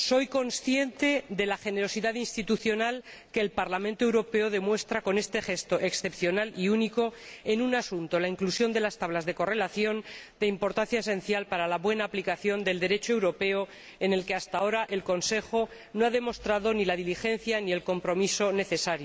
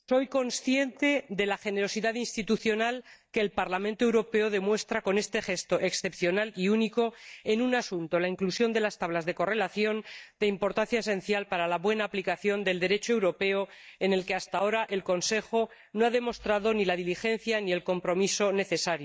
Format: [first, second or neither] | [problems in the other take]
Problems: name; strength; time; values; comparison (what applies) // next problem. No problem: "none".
first | noise reduction (neural mask model DeepFilterNet 3)